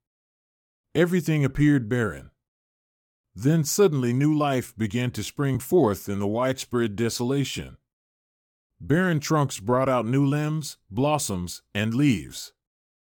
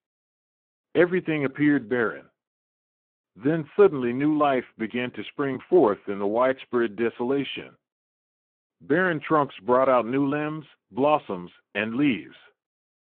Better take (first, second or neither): first